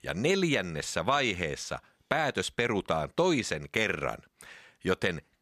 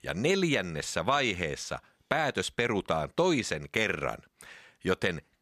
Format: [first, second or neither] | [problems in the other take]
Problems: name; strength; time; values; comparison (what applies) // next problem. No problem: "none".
neither | none